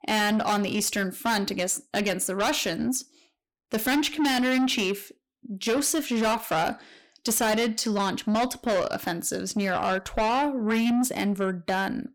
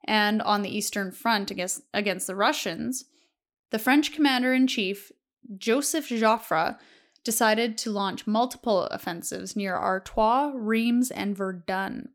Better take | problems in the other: second | distortion; heavy; 7 dB below the speech

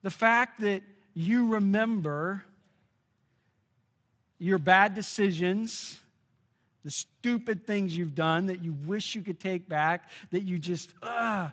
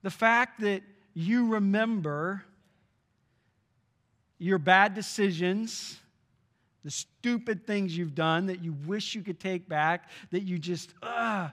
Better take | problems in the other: second | garbled, watery; slightly; nothing above 7.5 kHz

